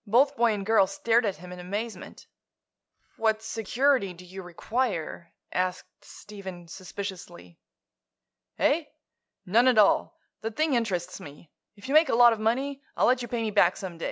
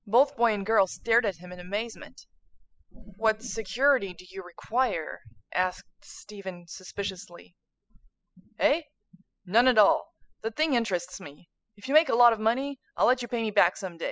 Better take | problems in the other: first | noise reduction (classical method spectral subtraction)

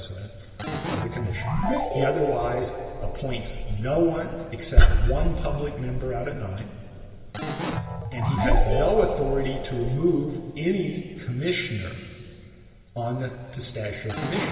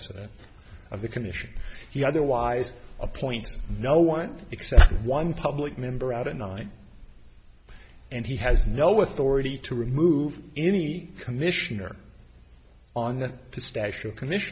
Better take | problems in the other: second | background sound (Keyboard (musical)); 8 dB below the speech // room echo; dies away in 2.6 s

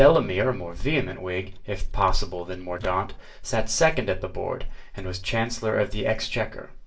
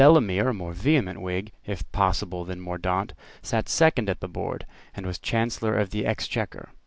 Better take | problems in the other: second | noise reduction (neural separator model SepFormer DNS4)

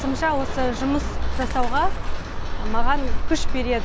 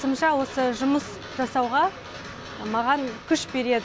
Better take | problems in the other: second | background sound (Bird); 4 dB above the speech

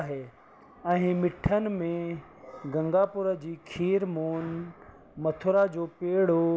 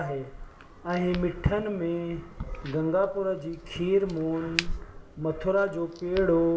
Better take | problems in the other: first | background sound (Crack); 11 dB below the speech // room echo; dies away in 0.9 s

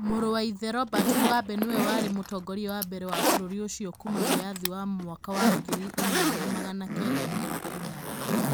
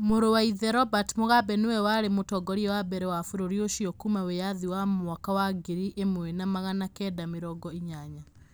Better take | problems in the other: second | background sound (Zipper (clothing)); 2 dB above the speech

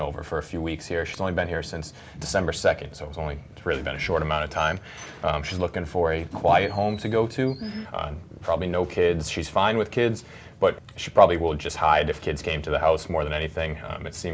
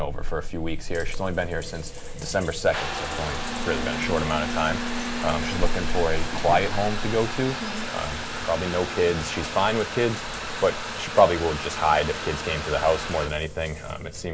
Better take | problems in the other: first | background sound (Trickle, dribble / Bathtub (filling or washing) / Water tap, faucet); 3 dB below the speech

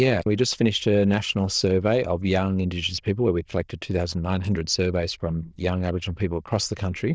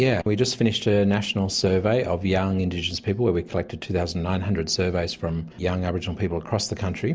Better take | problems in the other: second | noise reduction (neural diffusion model UNIVERSE++)

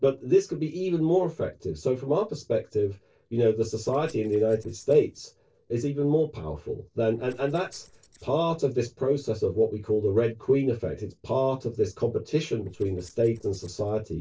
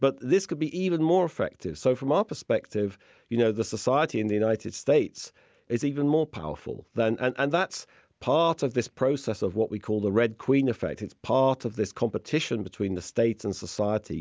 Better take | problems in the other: second | noise reduction (neural separator model SepFormer DNS4)

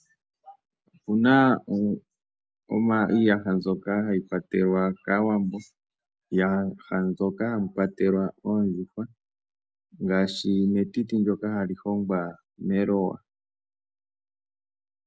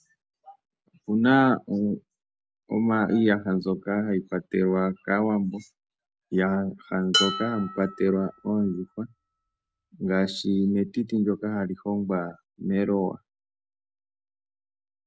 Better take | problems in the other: first | background sound (Dishes, pots, and pans); 7 dB below the speech

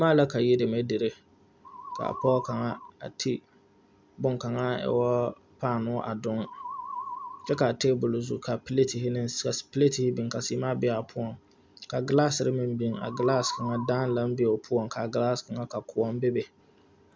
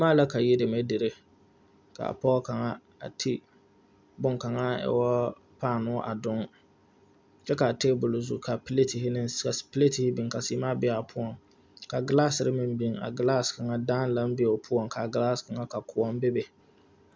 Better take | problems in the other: second | background sound (Musical instrument); 10 dB below the speech

